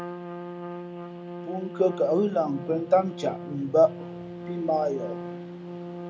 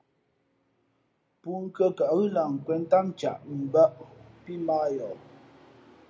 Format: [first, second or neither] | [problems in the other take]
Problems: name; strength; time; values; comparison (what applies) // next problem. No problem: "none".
second | background sound (Trumpet); 10 dB below the speech